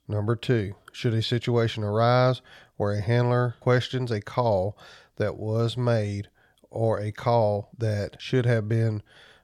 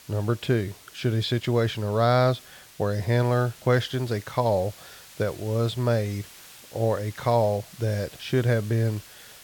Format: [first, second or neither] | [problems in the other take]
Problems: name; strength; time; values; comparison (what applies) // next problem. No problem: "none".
first | hiss; faint; throughout; 20 dB below the speech